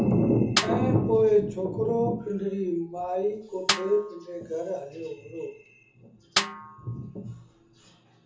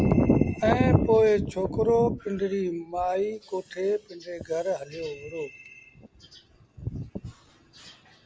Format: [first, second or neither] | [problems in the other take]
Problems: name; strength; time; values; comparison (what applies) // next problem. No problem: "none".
second | background sound (Snare drum); 6 dB below the speech // room echo; dies away in 0.7 s